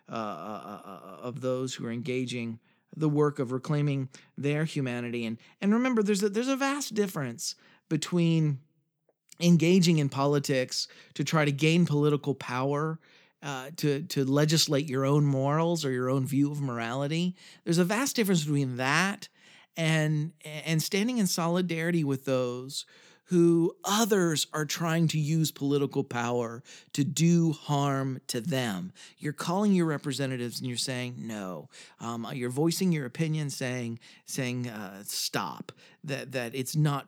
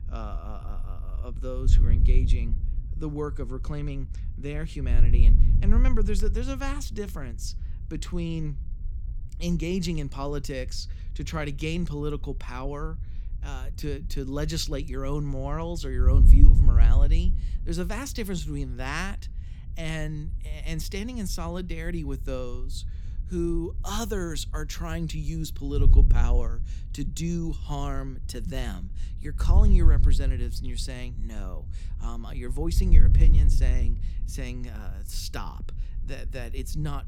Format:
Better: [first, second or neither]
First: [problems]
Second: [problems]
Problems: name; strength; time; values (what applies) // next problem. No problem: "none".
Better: first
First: none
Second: wind noise on the microphone; occasional gusts; 10 dB below the speech